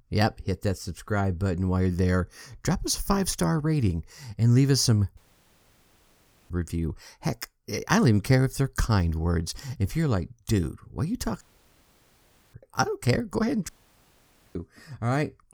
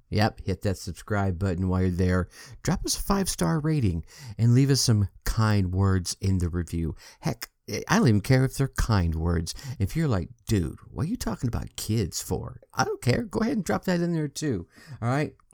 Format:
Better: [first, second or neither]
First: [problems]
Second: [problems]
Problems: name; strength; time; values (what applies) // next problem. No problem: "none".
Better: second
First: audio cutting out; at 5 s for 1.5 s, at 11 s for 1 s and at 14 s for 1 s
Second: none